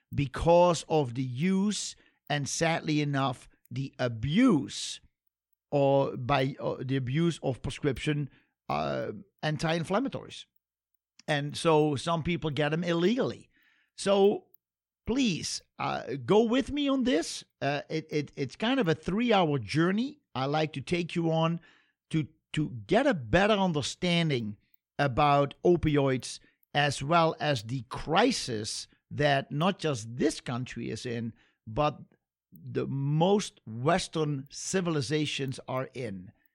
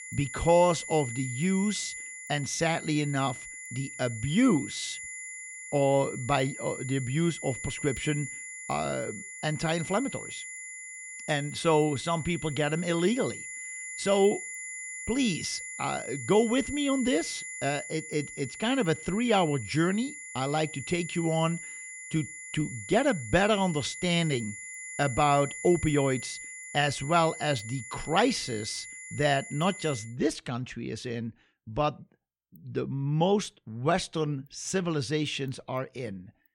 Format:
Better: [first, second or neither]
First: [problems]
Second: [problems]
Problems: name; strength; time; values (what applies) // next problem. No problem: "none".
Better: first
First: none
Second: high-pitched whine; loud; until 30 s; 2 kHz, 10 dB below the speech